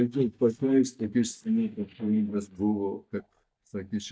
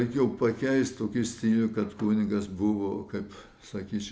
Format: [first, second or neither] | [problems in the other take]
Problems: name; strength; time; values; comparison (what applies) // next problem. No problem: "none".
second | noise reduction (neural mask model DeepFilterNet 3)